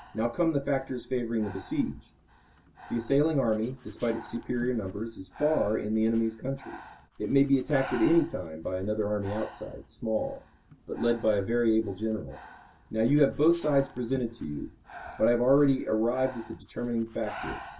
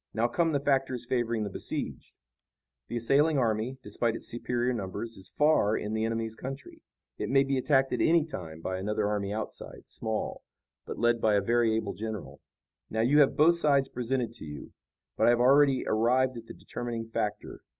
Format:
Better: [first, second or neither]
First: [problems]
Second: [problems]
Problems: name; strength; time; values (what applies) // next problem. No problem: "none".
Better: second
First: background sound (Breathing); 19 dB below the speech // room echo; dies away in 0.2 s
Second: none